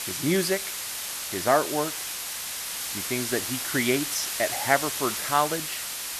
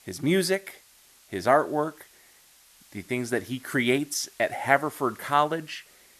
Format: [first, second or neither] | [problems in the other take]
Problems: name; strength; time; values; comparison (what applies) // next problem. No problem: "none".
second | hiss; loud; throughout; 3 dB below the speech; faint in the second